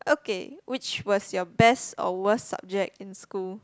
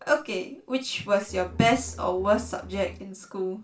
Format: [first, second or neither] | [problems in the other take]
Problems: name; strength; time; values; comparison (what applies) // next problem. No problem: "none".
first | background sound (Bowed string instrument); 15 dB below the speech // room echo; dies away in 0.3 s